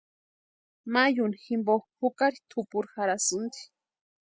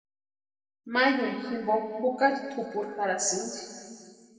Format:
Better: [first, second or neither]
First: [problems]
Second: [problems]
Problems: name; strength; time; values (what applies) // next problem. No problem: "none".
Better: first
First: none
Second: room echo; dies away in 2.1 s